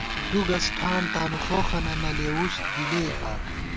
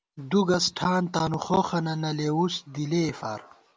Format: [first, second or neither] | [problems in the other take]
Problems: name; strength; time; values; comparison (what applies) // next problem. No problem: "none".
second | background sound (Motorcycle); as loud as the speech